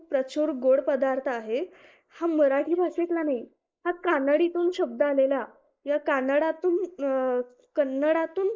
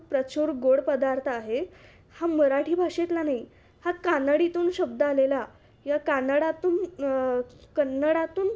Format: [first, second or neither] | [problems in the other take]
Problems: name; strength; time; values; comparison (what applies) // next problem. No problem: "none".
second | noise reduction (neural mask model Resemble Enhance denoiser)